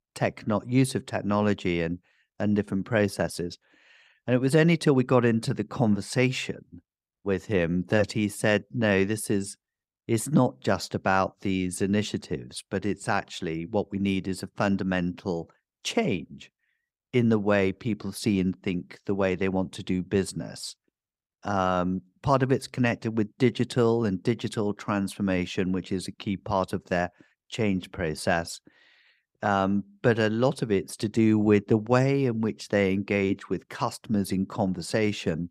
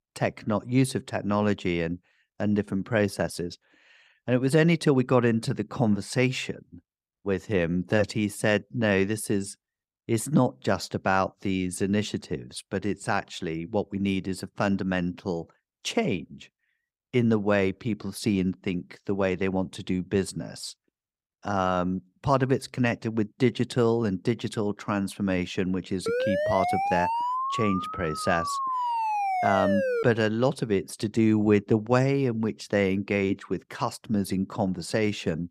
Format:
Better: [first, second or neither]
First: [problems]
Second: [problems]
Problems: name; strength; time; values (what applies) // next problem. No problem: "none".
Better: first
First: none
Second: siren; loud; from 26 to 30 s; peak level with the speech